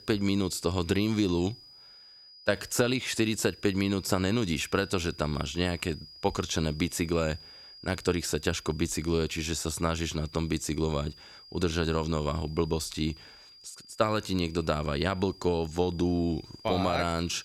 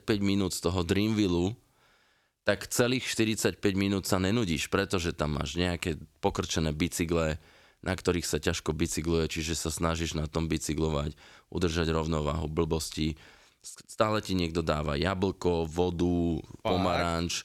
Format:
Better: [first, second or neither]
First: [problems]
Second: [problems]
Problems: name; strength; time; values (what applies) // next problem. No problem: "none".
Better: second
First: high-pitched whine; noticeable; throughout; 5 kHz, 20 dB below the speech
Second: none